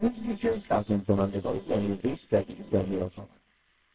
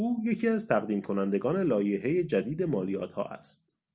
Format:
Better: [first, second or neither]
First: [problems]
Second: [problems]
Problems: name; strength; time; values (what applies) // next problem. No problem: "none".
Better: second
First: noise reduction (neural separator model SepFormer WHAMR!)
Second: none